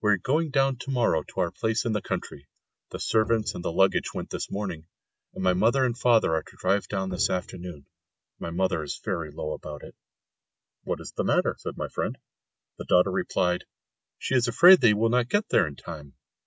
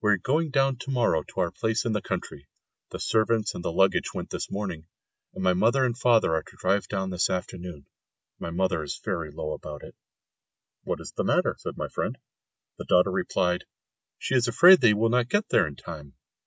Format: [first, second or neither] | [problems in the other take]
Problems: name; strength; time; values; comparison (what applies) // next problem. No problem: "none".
second | background sound (Bowed string instrument); 19 dB below the speech